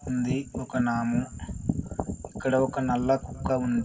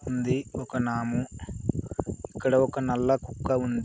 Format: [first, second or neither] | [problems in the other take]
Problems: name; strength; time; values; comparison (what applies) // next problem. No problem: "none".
second | room echo; dies away in 2 s